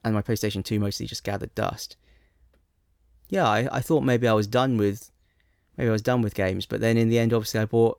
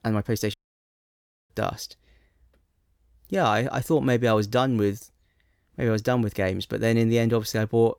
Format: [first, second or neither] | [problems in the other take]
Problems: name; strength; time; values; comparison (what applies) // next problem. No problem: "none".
first | audio cutting out; at 0.5 s for 1 s